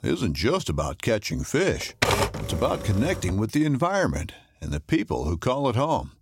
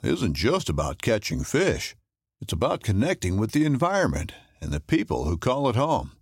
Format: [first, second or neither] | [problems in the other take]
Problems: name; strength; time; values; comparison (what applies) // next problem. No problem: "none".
second | keyboard typing; loud; from 2 to 3.5 s; peak 3 dB above the speech